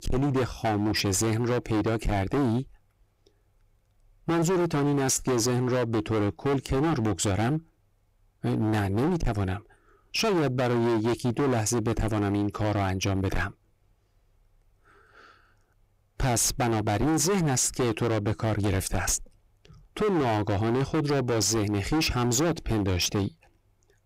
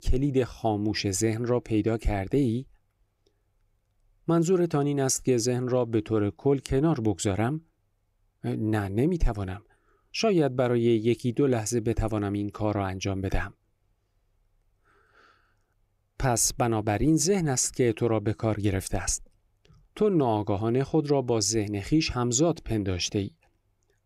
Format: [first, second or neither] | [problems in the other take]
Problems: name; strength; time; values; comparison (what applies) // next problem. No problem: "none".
second | distortion; heavy; 22% of the sound clipped